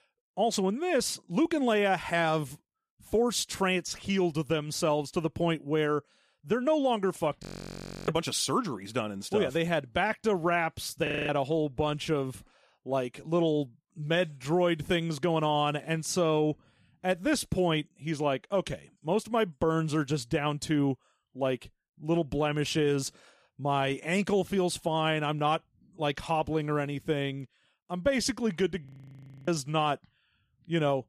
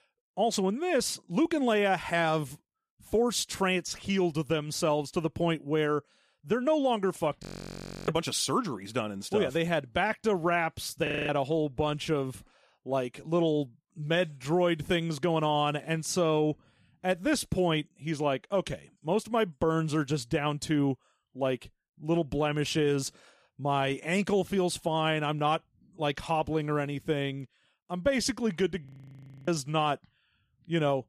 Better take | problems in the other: neither | audio freezing; at 7.5 s for 0.5 s, at 11 s and at 29 s for 0.5 s; the same in both

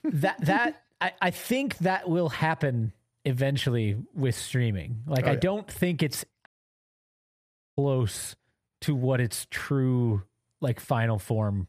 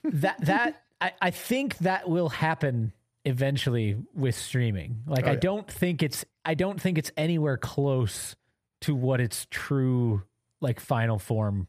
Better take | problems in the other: second | audio cutting out; at 6.5 s for 1.5 s

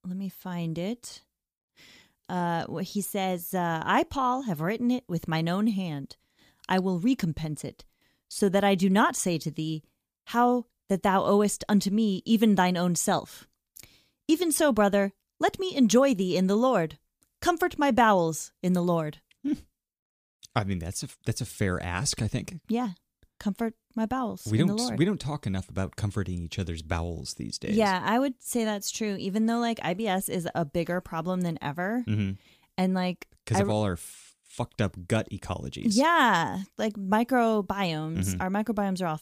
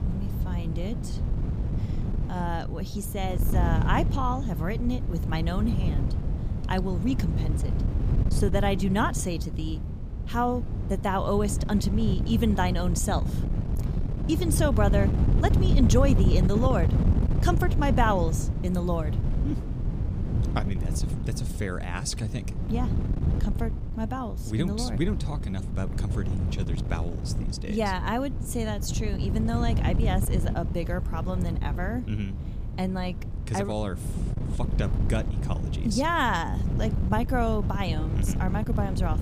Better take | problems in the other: first | wind noise on the microphone; heavy; 9 dB below the speech

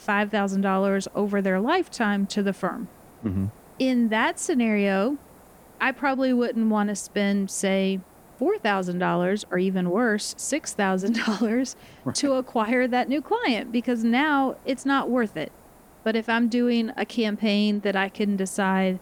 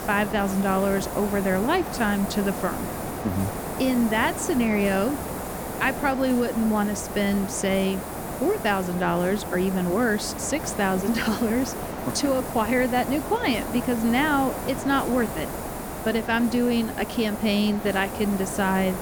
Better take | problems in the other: first | hiss; loud; throughout; 7 dB below the speech; faint in the first

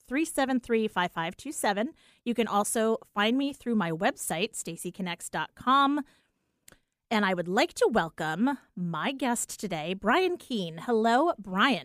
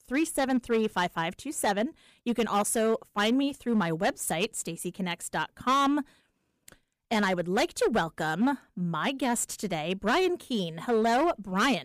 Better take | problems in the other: first | distortion; slight; 6% of the sound clipped

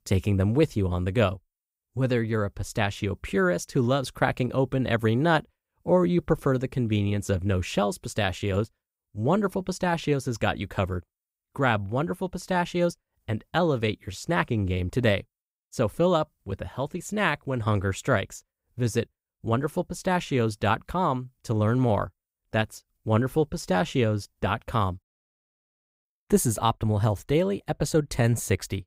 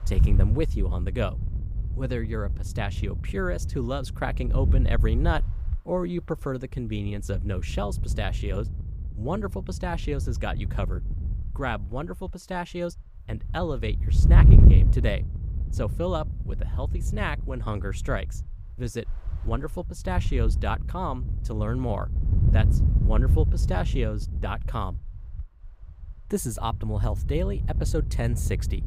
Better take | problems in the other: first | wind noise on the microphone; heavy; 9 dB below the speech

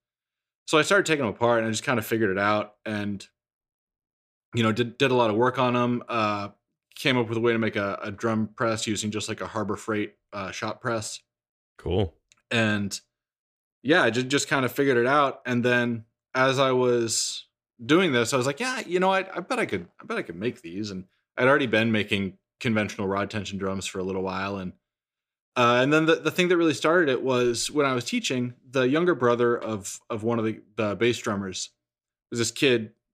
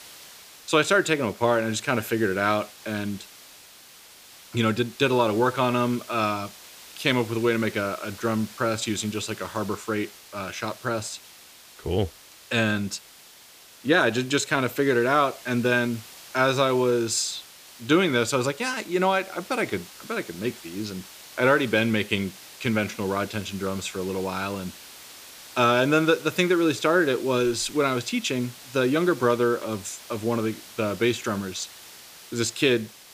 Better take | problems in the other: first | hiss; noticeable; throughout; 20 dB below the speech

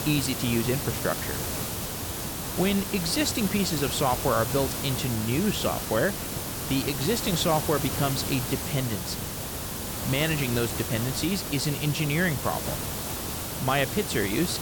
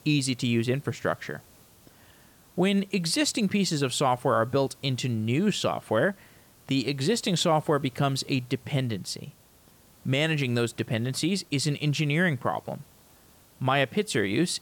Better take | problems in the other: second | hiss; loud; throughout; 3 dB below the speech; faint in the second

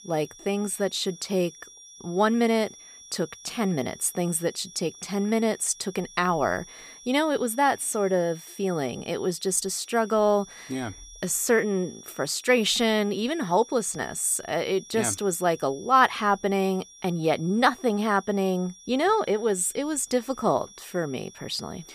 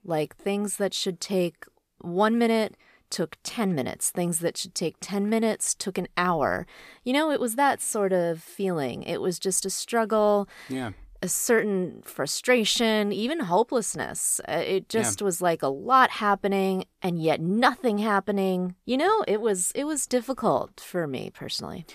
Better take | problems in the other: second | high-pitched whine; noticeable; throughout; 5.5 kHz, 20 dB below the speech

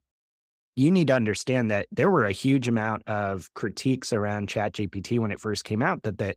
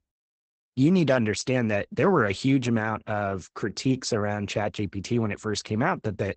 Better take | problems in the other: first | garbled, watery; badly; nothing above 8 kHz; slightly in the first

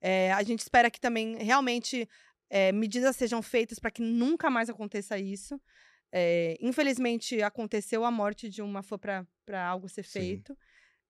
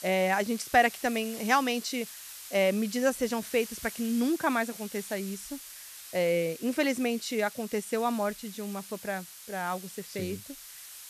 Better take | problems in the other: first | hiss; noticeable; throughout; 15 dB below the speech

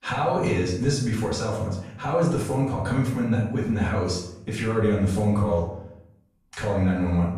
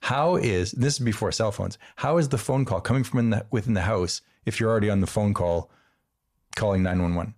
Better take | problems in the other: second | room echo; noticeable; dies away in 0.6 s // off-mic speech; far

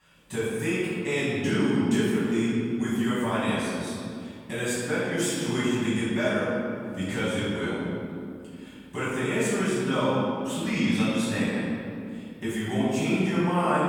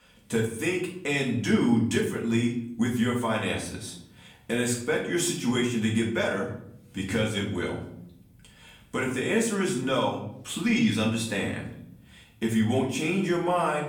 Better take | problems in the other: second | room echo; strong; dies away in 2.4 s; slight in the second // off-mic speech; far; far in the second

